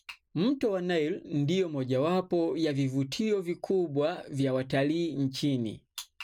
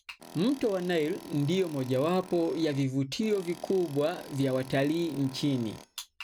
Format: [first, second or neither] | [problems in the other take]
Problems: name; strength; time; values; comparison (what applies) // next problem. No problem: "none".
first | background sound (Tools); 19 dB below the speech